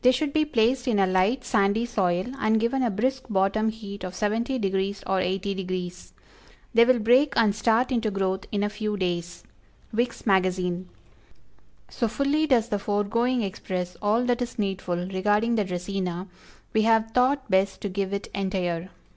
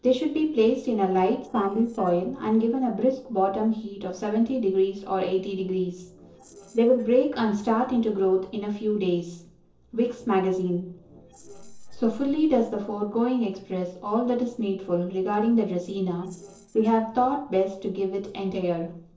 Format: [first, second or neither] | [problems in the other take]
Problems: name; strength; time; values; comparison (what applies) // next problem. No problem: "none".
first | noise reduction (neural separator model SepFormer DNS4)